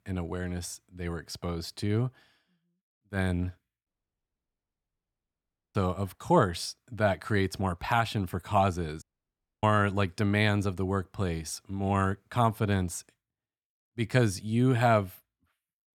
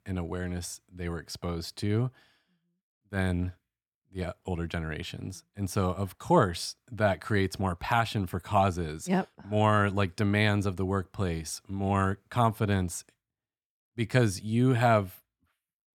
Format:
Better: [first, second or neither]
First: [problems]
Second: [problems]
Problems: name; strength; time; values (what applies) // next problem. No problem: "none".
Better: second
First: audio cutting out; at 4 s for 2 s and at 9 s for 0.5 s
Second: none